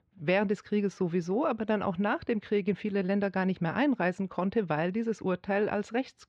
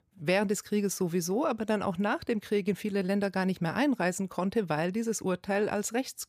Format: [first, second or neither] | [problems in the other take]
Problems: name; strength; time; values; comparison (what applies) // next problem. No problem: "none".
second | muffled; slightly; fading above 3.5 kHz